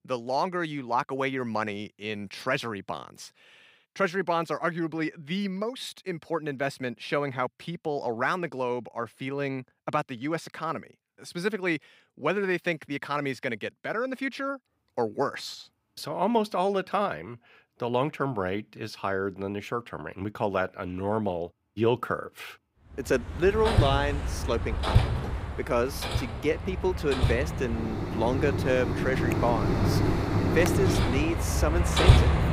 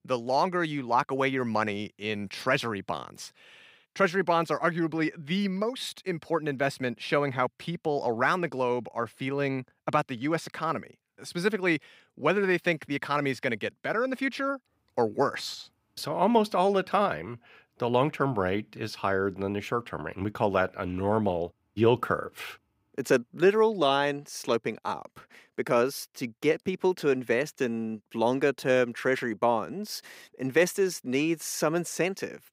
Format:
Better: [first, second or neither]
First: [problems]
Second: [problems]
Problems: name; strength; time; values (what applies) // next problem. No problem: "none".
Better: second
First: machinery noise; very loud; from 23 s on; 3 dB above the speech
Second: none